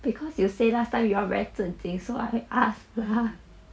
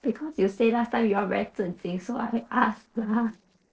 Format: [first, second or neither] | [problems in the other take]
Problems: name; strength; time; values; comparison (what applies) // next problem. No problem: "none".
first | noise reduction (neural separator model SepFormer DNS4)